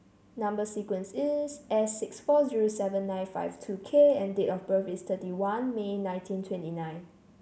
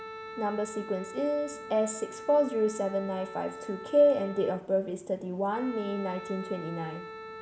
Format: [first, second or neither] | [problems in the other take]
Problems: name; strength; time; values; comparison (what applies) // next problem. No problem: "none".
first | background sound (Wind instrument, woodwind instrument); 13 dB below the speech